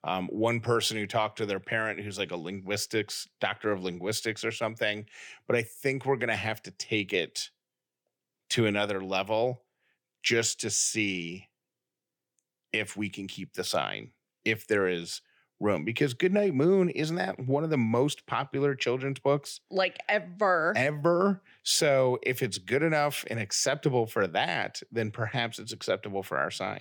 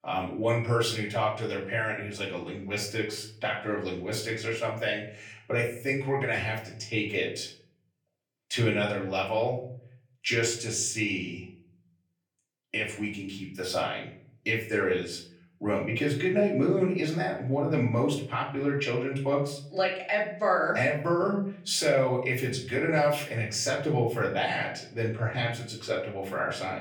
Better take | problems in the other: first | off-mic speech; far // room echo; slight; dies away in 0.6 s

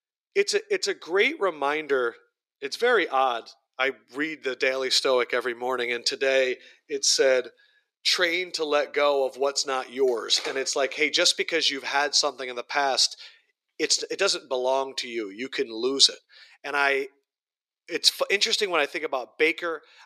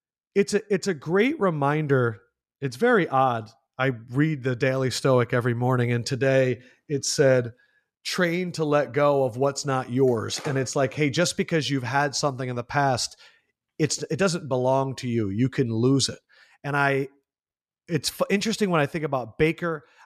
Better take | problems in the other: second | thin; somewhat; fading below 350 Hz

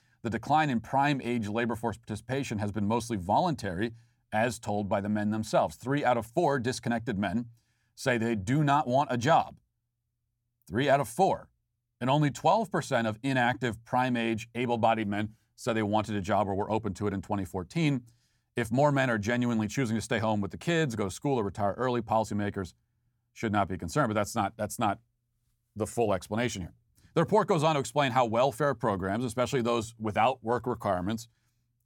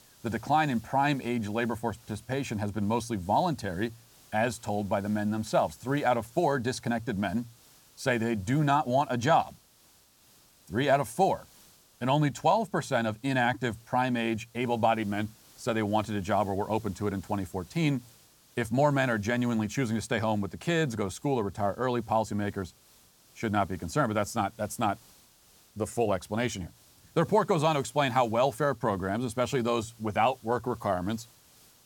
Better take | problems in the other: first | hiss; faint; throughout; 25 dB below the speech

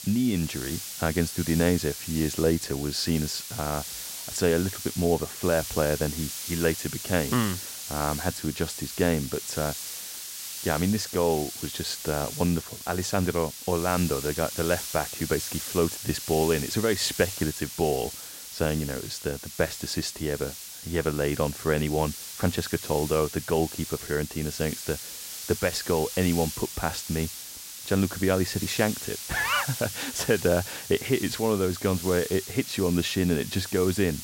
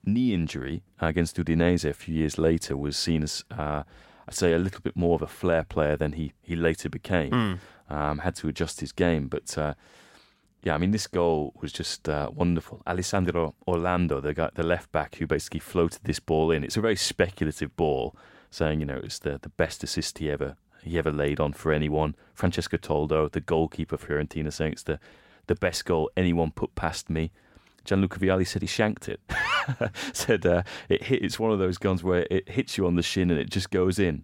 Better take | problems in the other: second | hiss; loud; throughout; 7 dB below the speech

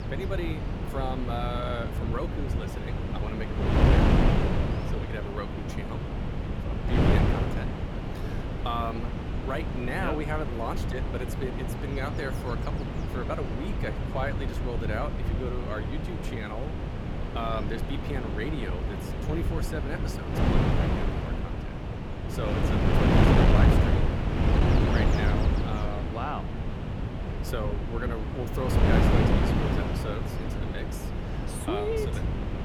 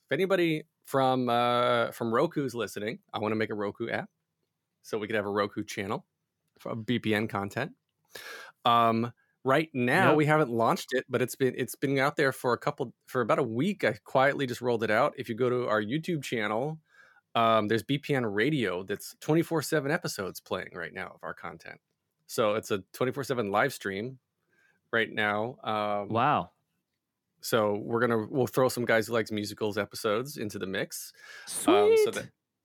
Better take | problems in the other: second | wind noise on the microphone; heavy; 2 dB above the speech

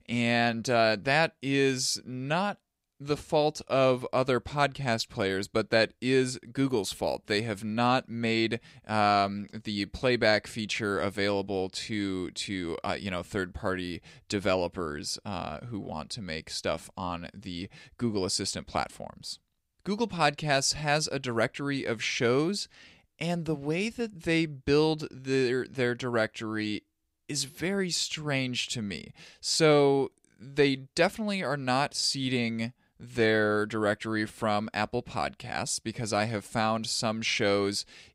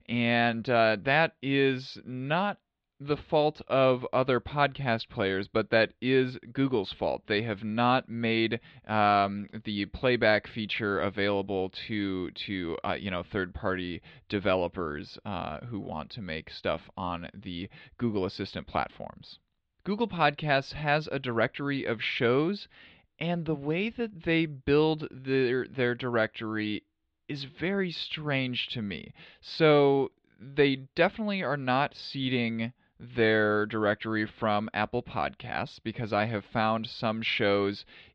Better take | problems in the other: first | muffled; slightly; fading above 3.5 kHz

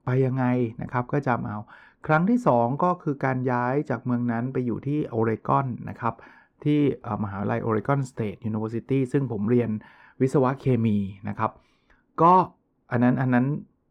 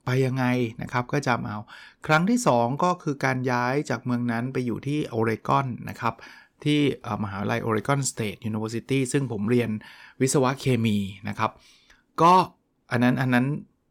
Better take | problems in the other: second | muffled; very; fading above 2.5 kHz

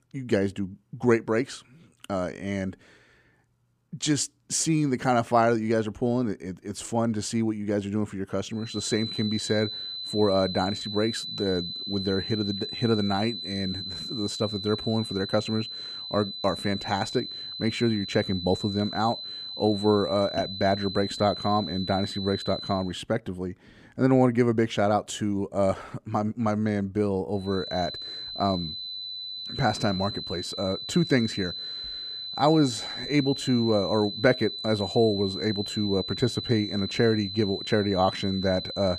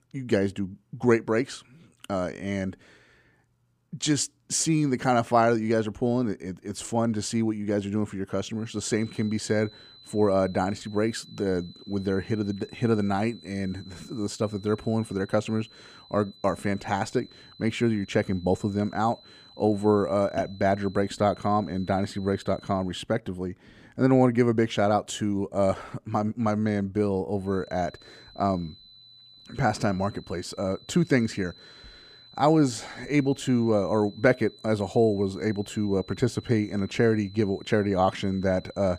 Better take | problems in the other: second | high-pitched whine; loud; from 8.5 to 23 s and from 28 s on; 4 kHz, 7 dB below the speech; faint in the second

